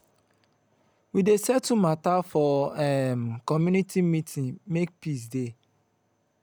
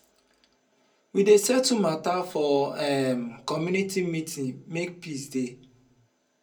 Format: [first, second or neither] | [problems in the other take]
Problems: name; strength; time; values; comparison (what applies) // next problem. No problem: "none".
first | room echo; dies away in 0.2 s